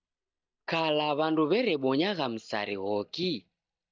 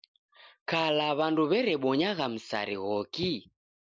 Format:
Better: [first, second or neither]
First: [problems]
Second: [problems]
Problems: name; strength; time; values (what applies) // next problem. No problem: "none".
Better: second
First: noise reduction (neural mask model DeepFilterNet 3)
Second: none